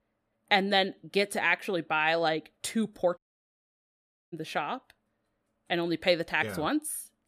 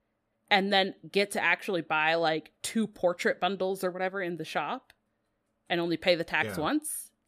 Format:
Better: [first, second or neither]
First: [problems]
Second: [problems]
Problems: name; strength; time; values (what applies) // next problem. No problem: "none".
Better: second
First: audio cutting out; at 3 s for 1 s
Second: none